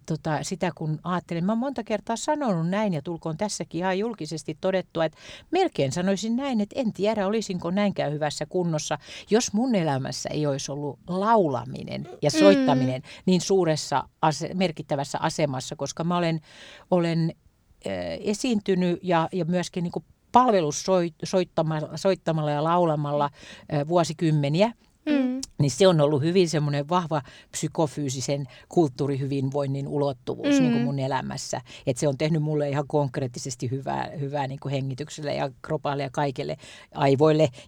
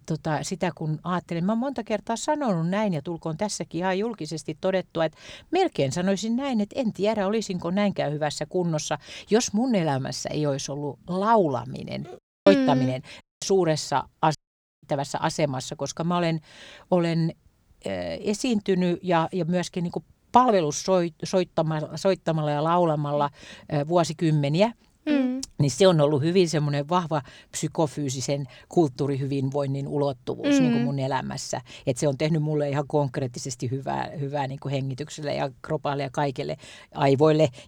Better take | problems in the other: first | audio cutting out; at 12 s, at 13 s and at 14 s

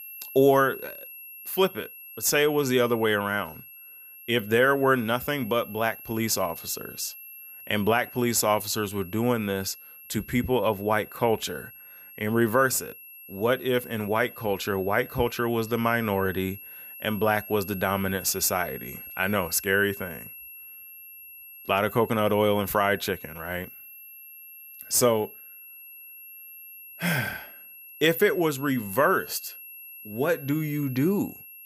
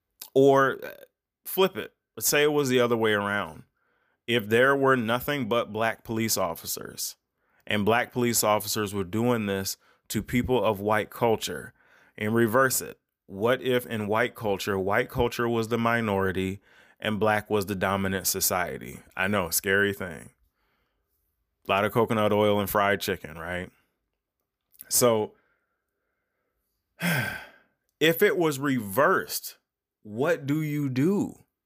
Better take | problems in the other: second | high-pitched whine; noticeable; throughout; 11.5 kHz, 15 dB below the speech

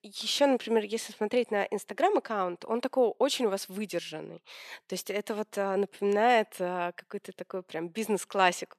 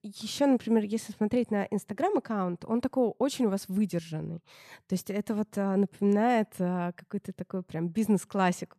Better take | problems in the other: second | thin; somewhat; fading below 450 Hz

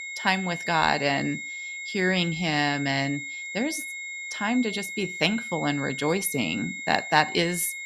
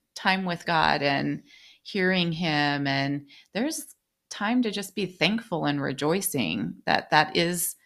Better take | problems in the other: second | high-pitched whine; loud; throughout; 2 kHz, 7 dB below the speech

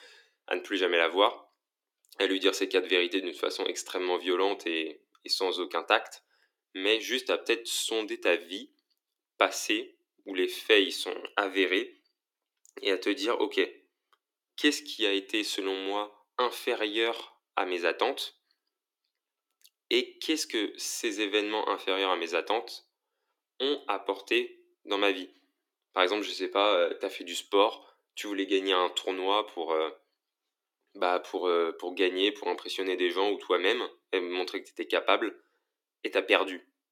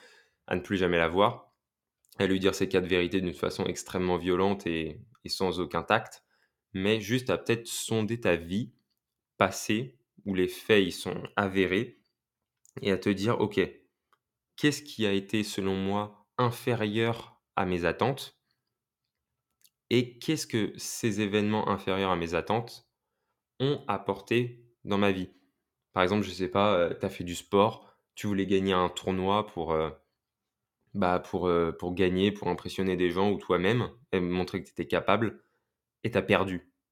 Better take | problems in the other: second | thin; somewhat; fading below 300 Hz

